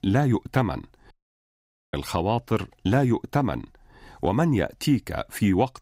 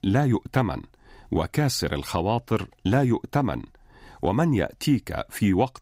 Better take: second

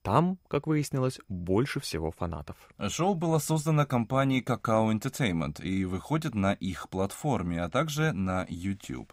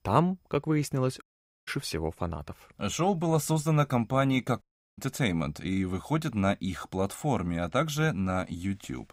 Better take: first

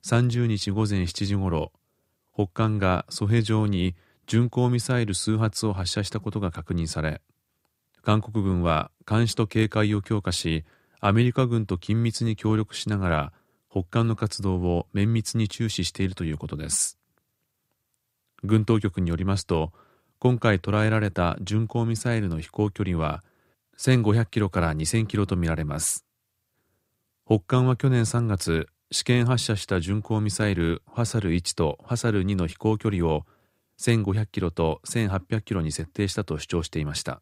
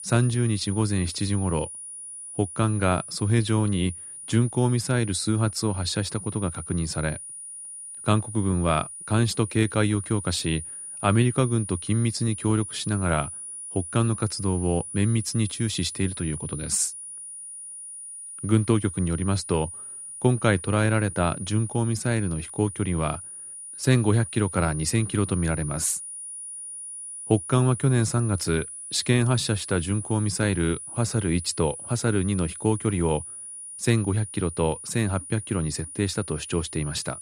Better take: first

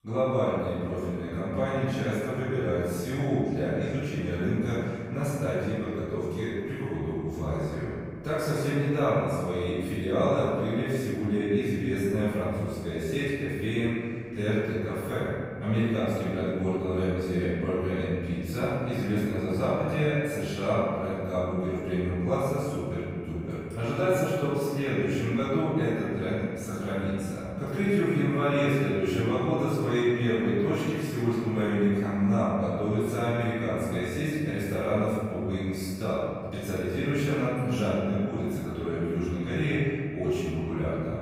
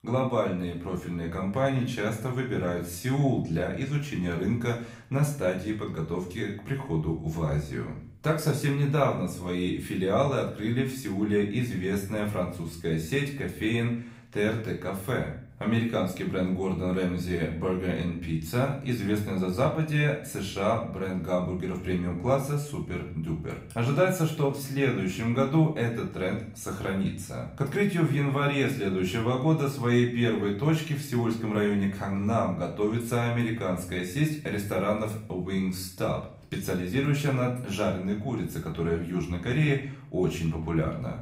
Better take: second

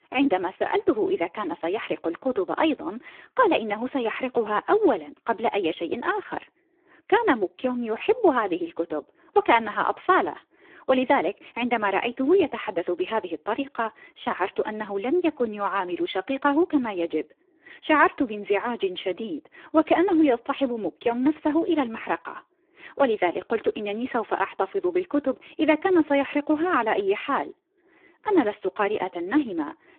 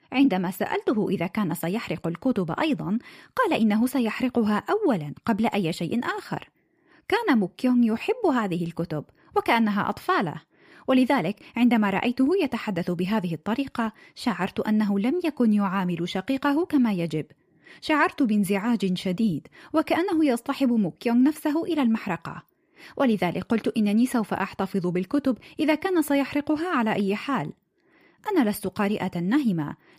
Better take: second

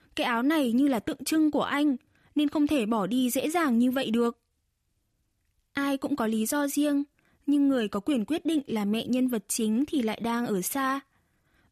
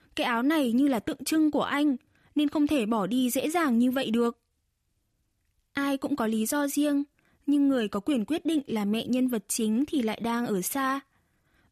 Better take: neither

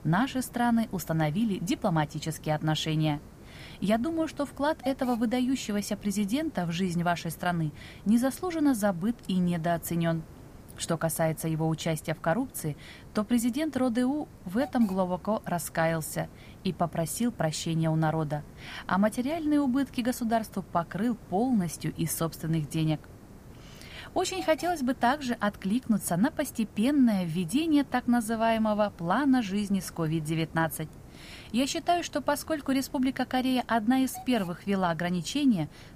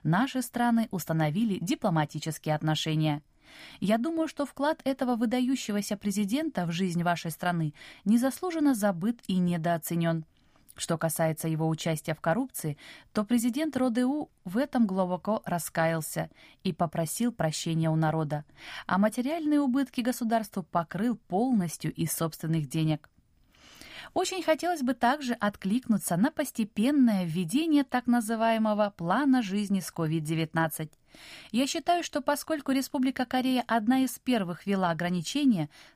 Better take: second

